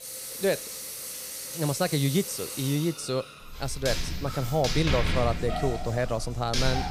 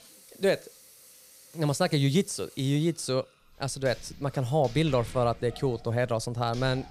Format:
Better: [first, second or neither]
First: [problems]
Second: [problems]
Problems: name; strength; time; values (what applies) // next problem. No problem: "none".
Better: second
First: household noises; loud; throughout; 4 dB below the speech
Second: household noises; faint; throughout; 20 dB below the speech